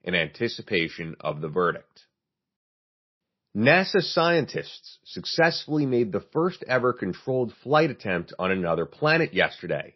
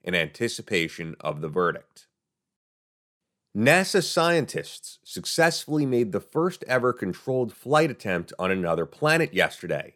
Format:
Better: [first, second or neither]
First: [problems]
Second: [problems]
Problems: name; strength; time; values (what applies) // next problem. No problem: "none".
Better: second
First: garbled, watery; slightly; nothing above 5.5 kHz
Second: none